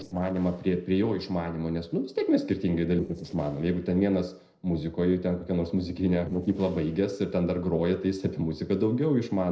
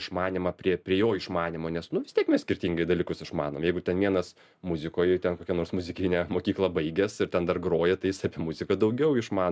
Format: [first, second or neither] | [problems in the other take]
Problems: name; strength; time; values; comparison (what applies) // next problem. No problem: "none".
second | noise reduction (neural separator model SepFormer DNS4)